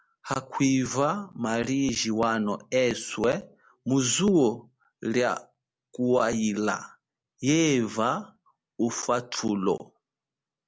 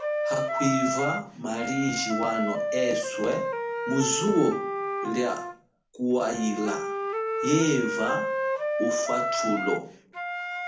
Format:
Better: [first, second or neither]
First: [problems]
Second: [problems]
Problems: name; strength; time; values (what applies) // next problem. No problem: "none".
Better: first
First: none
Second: background sound (Wind instrument, woodwind instrument); 1 dB below the speech // room echo; dies away in 0.4 s